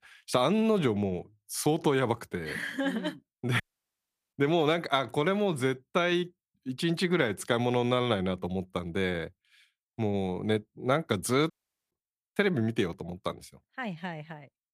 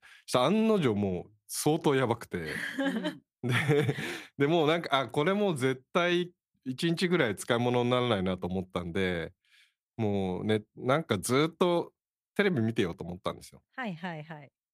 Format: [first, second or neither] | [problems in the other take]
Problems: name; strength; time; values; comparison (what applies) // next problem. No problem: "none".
second | audio cutting out; at 3.5 s for 0.5 s and at 12 s